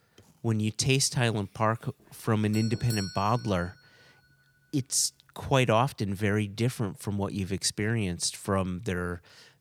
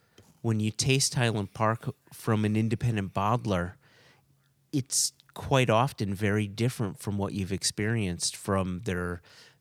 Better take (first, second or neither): second